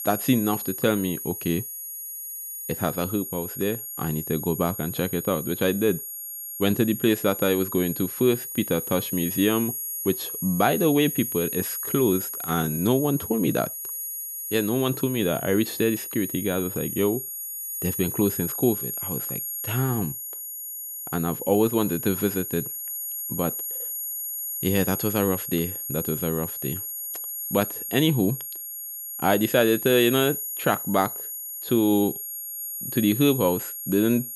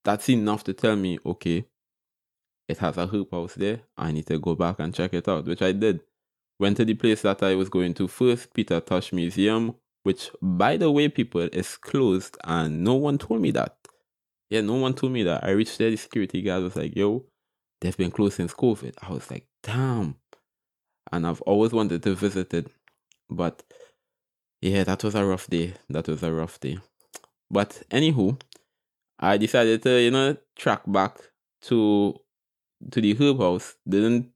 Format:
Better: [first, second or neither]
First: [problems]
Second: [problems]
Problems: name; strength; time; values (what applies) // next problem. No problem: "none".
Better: second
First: high-pitched whine; loud; throughout; 11.5 kHz, 5 dB below the speech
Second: none